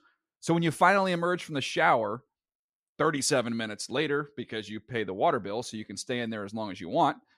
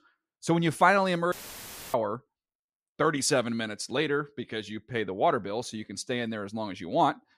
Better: first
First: none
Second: audio cutting out; filled with static; at 1.5 s for 0.5 s

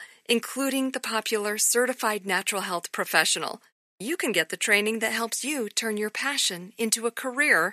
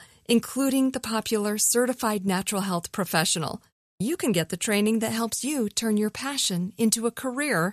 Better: second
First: thin; somewhat; fading below 300 Hz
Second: none

